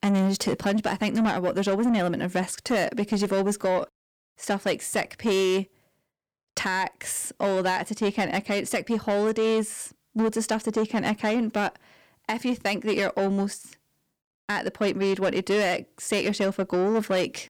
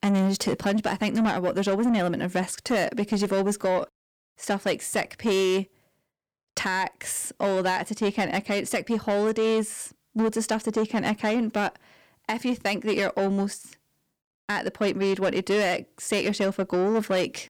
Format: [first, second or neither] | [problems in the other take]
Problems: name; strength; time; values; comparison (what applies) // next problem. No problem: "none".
neither | distortion; slight; 10 dB below the speech; the same in both